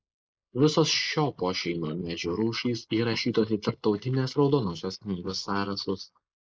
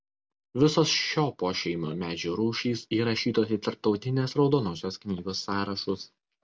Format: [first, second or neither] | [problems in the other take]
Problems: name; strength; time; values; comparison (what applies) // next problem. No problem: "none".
second | noise reduction (neural mask model Resemble Enhance denoiser)